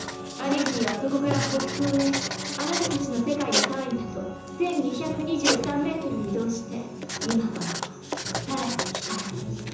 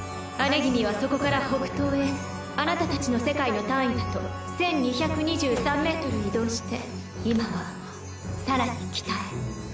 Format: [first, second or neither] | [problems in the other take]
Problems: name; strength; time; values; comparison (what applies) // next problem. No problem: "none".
second | background sound (Writing); 5 dB below the speech // room echo; dies away in 0.7 s